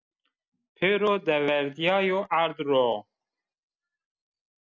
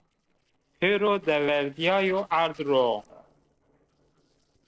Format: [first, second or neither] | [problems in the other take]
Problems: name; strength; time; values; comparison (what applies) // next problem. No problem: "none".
first | noise reduction (neural separator model SepFormer DNS4)